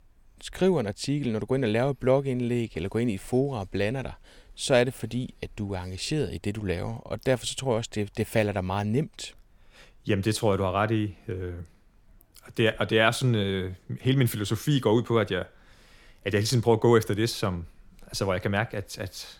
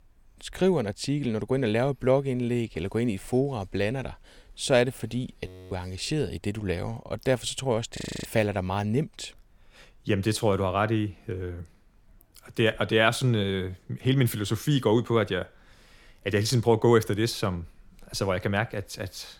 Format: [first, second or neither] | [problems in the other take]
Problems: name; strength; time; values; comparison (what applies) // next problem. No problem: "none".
first | audio freezing; at 5.5 s and at 8 s